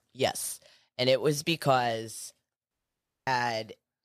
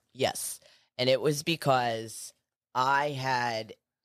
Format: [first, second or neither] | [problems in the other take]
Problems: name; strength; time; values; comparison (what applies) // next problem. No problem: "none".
second | audio cutting out; at 2.5 s for 0.5 s